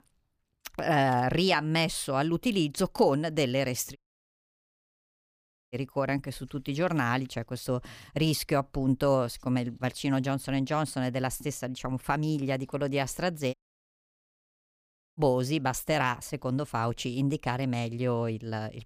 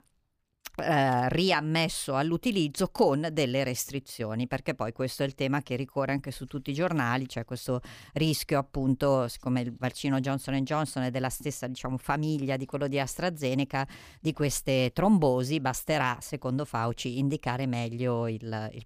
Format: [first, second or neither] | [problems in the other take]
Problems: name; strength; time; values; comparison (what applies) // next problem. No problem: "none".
second | audio cutting out; at 4 s for 2 s and at 14 s for 1.5 s